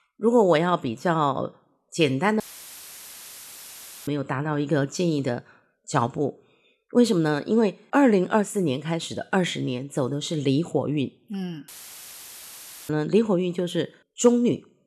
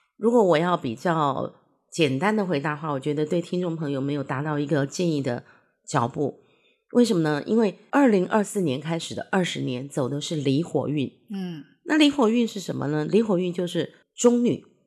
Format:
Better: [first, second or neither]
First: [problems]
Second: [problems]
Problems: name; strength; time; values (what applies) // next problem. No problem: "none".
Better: second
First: audio cutting out; filled with static; at 2.5 s for 1.5 s and at 12 s for 1 s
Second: none